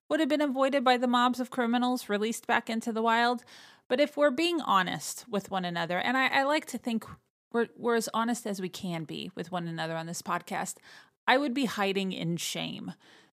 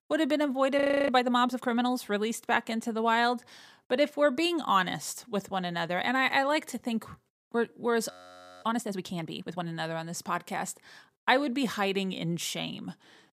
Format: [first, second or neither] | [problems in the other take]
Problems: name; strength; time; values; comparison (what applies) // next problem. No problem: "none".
first | audio freezing; at 1 s and at 8 s for 0.5 s